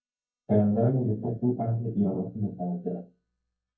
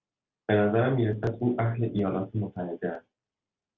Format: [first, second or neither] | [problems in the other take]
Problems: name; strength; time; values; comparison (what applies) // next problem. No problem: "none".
second | noise reduction (neural mask model DeepFilterNet 3)